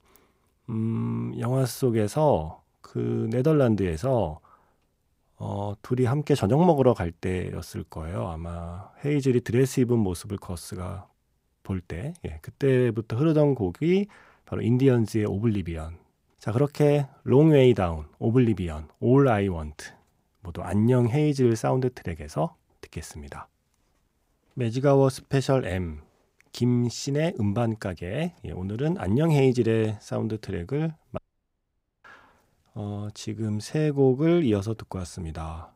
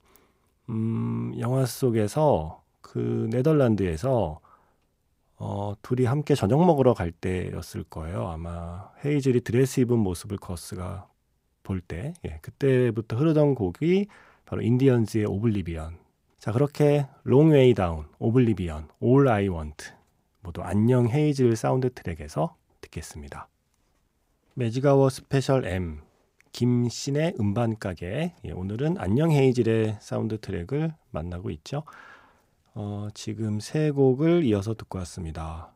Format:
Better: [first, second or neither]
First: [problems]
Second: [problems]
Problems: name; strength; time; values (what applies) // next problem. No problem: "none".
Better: second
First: audio cutting out; at 31 s for 1 s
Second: none